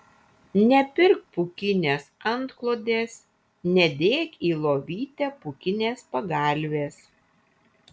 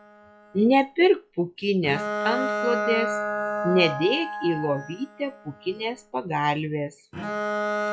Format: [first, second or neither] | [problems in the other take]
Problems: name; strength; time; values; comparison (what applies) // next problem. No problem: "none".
first | noise reduction (classical method log-MMSE)